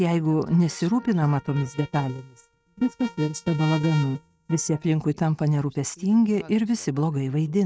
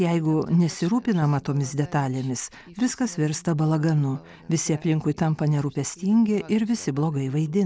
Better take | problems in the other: second | noise reduction (neural mask model RNNoise)

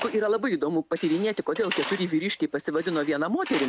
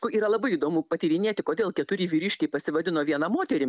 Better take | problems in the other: second | background sound (Tools); 13 dB below the speech

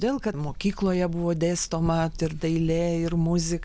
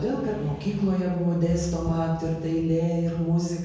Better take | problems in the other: first | background sound (Breathing); 18 dB below the speech // room echo; dies away in 1.2 s

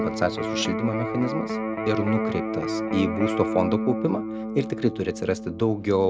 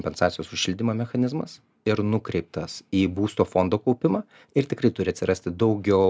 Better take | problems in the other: second | background sound (Electric guitar); 3 dB below the speech

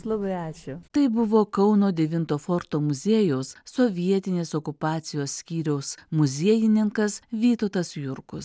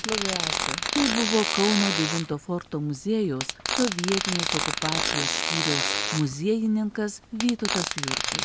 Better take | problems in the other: first | background sound (Fart); 1 dB below the speech

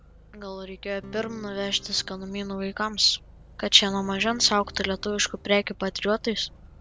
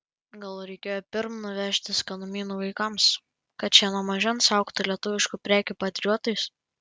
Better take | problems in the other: second | background sound (Acoustic guitar / Strum + Motor vehicle (road)); 19 dB below the speech

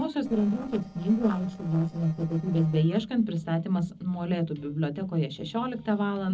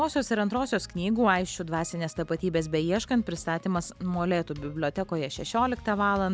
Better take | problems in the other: second | noise reduction (neural separator model SepFormer DNS4)

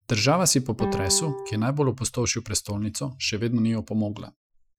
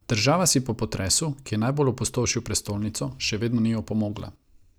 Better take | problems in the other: second | noise reduction (classical method Wiener filter)

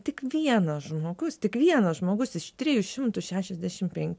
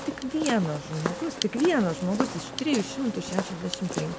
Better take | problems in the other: first | background sound (Walk, footsteps); 6 dB below the speech

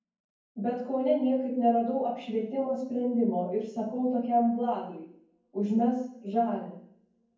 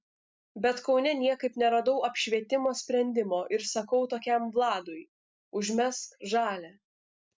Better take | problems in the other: second | room echo; dies away in 0.9 s

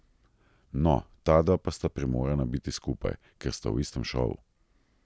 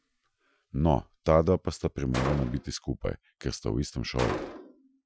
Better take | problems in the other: first | noise reduction (classical method Wiener filter)

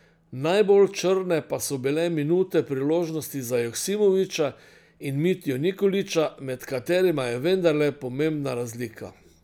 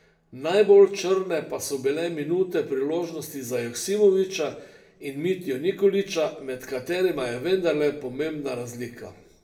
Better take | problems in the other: first | room echo; dies away in 0.5 s

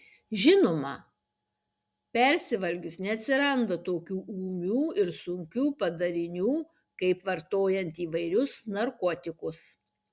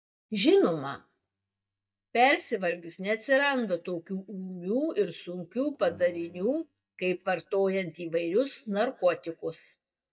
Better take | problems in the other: first | noise reduction (neural mask model DeepFilterNet 3)

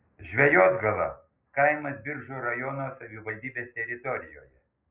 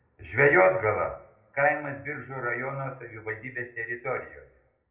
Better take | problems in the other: first | room echo; dies away in 0.5 s

